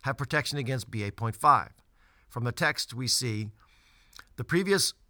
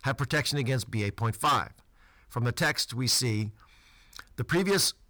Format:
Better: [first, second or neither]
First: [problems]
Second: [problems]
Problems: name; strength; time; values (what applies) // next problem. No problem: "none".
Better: first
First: none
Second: distortion; heavy; 7% of the sound clipped